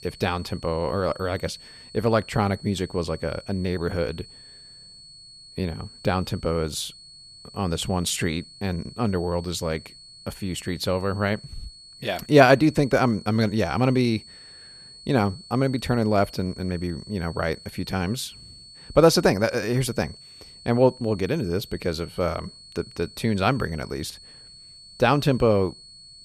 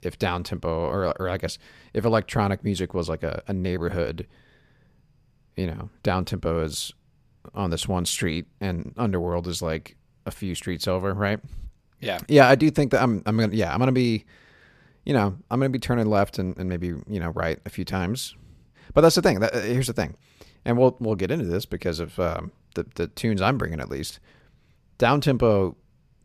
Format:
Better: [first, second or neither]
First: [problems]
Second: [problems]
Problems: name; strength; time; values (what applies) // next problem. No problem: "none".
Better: second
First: high-pitched whine; noticeable; throughout; 4.5 kHz, 20 dB below the speech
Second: none